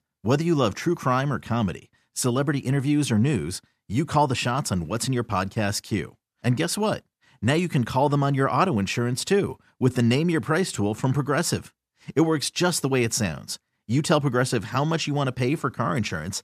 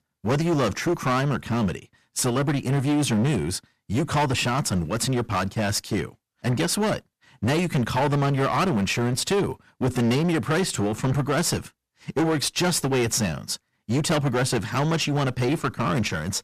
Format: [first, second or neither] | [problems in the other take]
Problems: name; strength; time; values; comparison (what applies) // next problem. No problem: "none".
first | distortion; heavy; 17% of the sound clipped